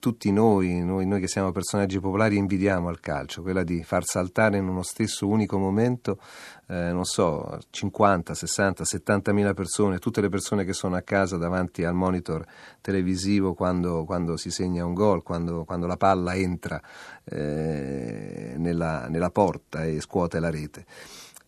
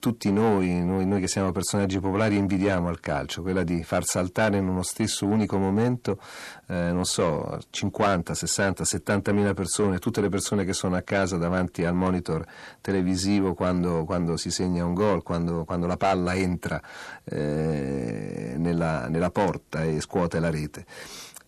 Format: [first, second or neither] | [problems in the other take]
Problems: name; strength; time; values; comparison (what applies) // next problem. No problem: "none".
first | distortion; slight; 10 dB below the speech